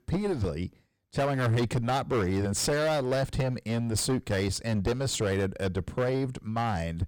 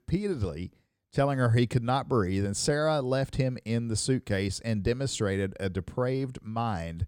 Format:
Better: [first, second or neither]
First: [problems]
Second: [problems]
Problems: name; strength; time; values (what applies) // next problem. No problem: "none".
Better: second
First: distortion; heavy; 19% of the sound clipped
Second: none